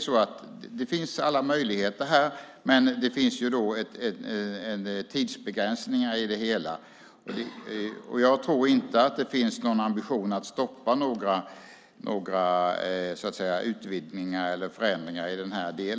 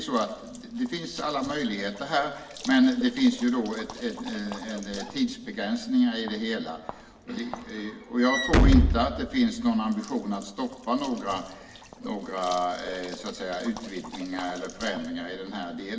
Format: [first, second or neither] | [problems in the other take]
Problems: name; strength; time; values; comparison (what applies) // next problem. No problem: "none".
first | background sound (Walk, footsteps / Slam); 5 dB below the speech // room echo; dies away in 0.9 s